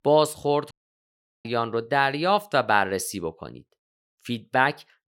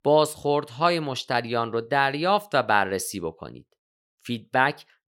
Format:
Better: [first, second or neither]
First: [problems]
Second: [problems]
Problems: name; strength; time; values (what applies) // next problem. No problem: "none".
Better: second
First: audio cutting out; at 0.5 s for 0.5 s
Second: none